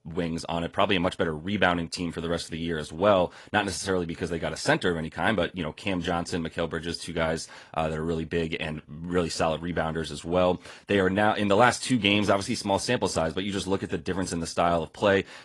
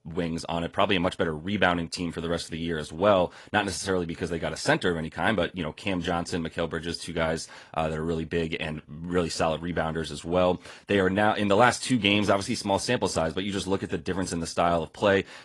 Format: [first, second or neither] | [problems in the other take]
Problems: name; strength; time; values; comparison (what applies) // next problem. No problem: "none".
neither | garbled, watery; slightly; nothing above 10 kHz; the same in both